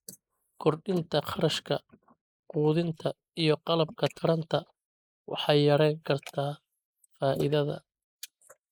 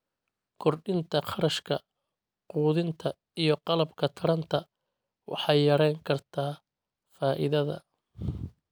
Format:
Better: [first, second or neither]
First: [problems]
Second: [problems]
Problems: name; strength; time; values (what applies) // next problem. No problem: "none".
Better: second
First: noise reduction (neural mask model Resemble Enhance denoiser)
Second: none